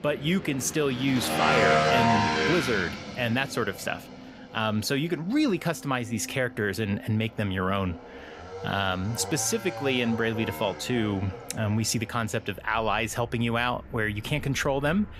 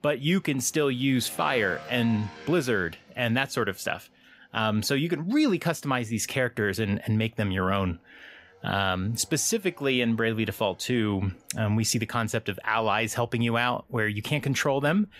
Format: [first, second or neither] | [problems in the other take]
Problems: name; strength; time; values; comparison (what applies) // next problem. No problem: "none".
second | traffic noise; loud; throughout; 2 dB below the speech; faint in the second